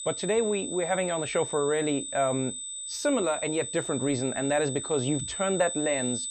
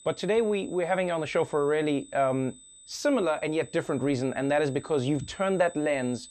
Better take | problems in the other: second | high-pitched whine; loud; throughout; 8 kHz, 5 dB below the speech; faint in the second

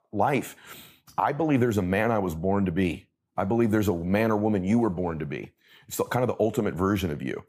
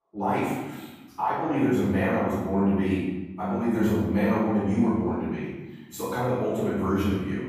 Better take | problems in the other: first | off-mic speech; far // room echo; strong; dies away in 1 s

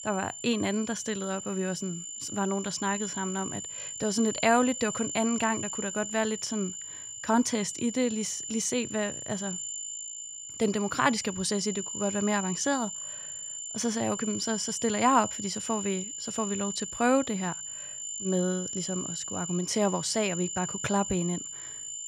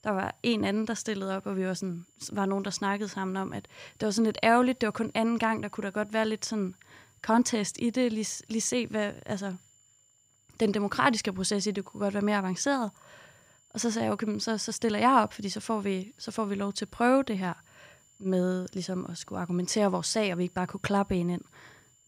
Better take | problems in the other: second | high-pitched whine; loud; throughout; 7 kHz, 5 dB below the speech; faint in the second

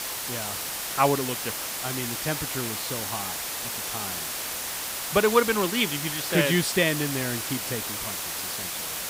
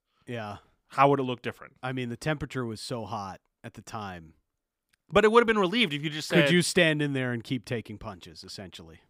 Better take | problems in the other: second | hiss; loud; throughout; 3 dB below the speech

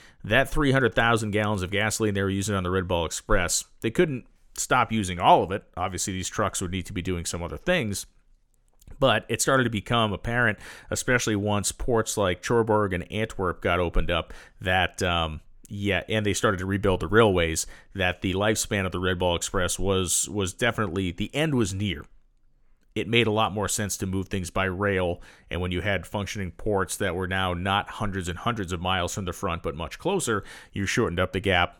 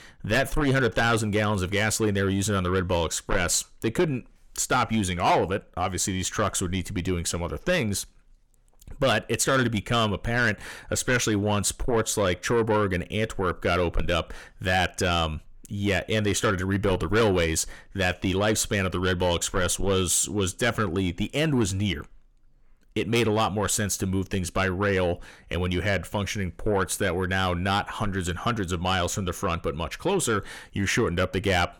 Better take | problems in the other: first | distortion; slight; 10 dB below the speech

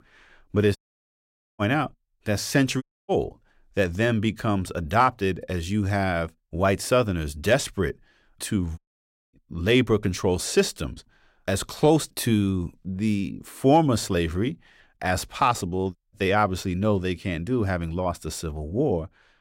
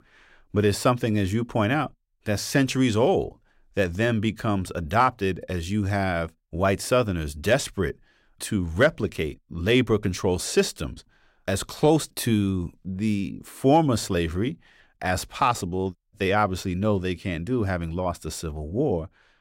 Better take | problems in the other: second | audio cutting out; at 1 s for 1 s, at 3 s and at 9 s for 0.5 s

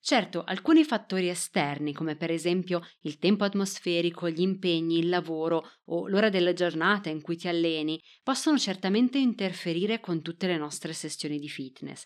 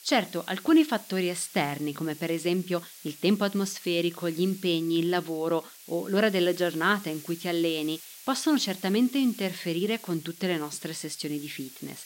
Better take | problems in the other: first | hiss; noticeable; throughout; 15 dB below the speech

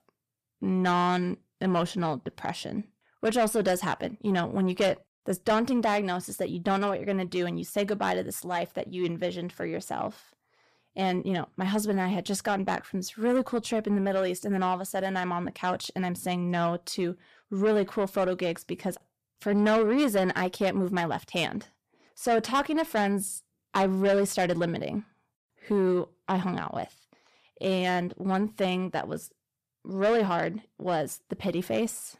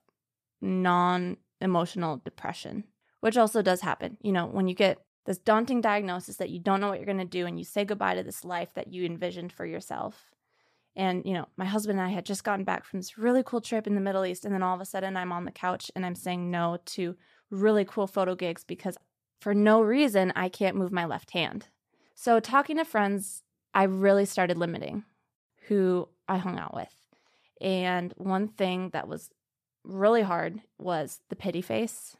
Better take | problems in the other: second | distortion; slight; 10 dB below the speech

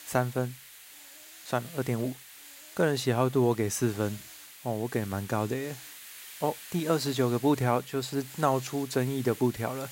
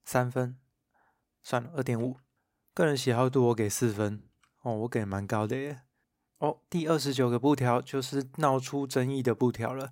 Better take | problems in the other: second | hiss; noticeable; throughout; 15 dB below the speech

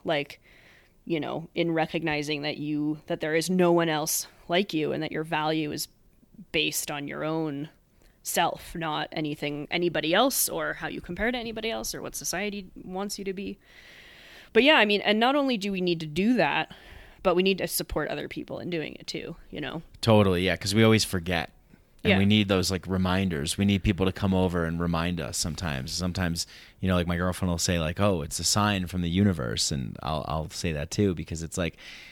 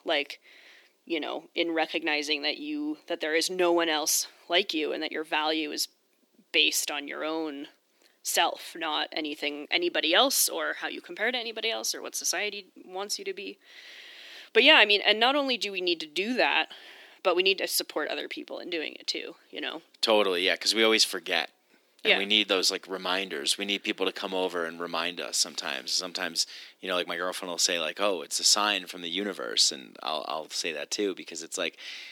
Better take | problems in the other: first | thin; somewhat; fading below 300 Hz

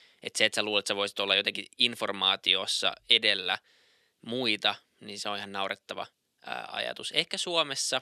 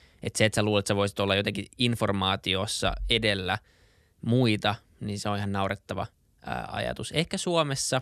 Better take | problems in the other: second | thin; somewhat; fading below 300 Hz

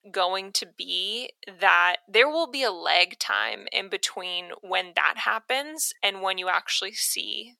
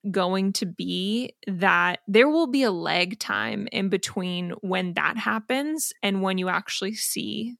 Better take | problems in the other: second | thin; very; fading below 500 Hz

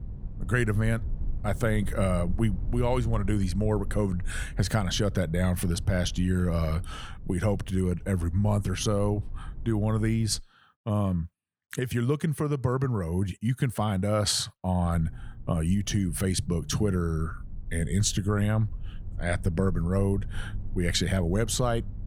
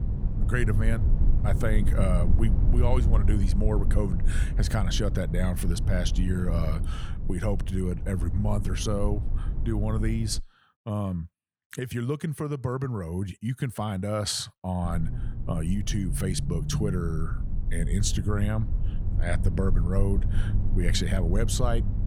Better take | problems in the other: first | low rumble; loud; until 10 s and from 15 s on; 10 dB below the speech; faint in the first

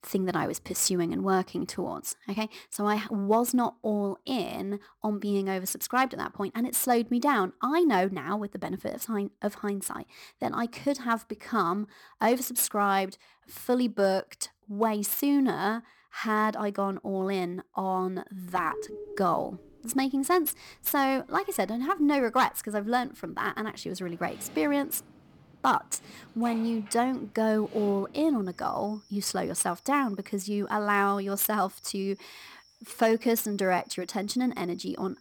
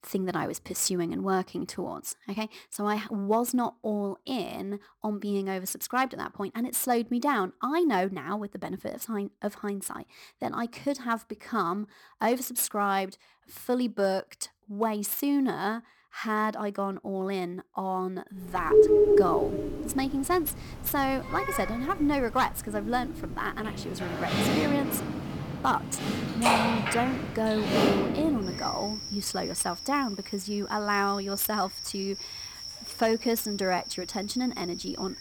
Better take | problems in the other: first | animal sounds; loud; from 18 s on; as loud as the speech; faint in the first

